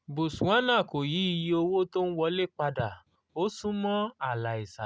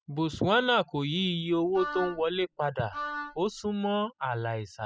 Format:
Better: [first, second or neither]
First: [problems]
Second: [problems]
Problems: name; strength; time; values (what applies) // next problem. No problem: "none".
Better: first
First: none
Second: noise reduction (classical method spectral subtraction)